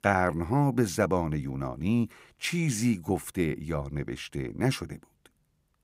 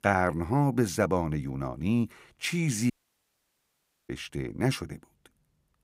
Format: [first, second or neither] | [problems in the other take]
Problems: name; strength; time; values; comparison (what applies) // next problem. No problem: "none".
first | audio cutting out; at 3 s for 1 s